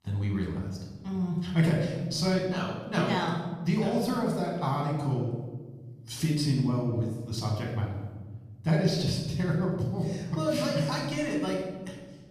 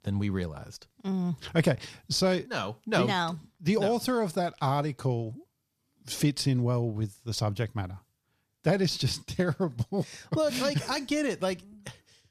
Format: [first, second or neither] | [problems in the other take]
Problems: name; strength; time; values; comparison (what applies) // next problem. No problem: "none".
second | off-mic speech; far // room echo; noticeable; dies away in 1.3 s